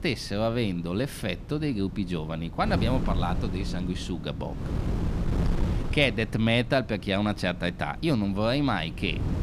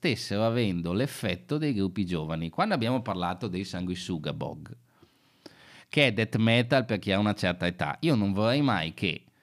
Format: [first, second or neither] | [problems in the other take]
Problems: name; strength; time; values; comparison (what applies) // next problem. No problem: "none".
second | wind noise on the microphone; occasional gusts; 15 dB below the speech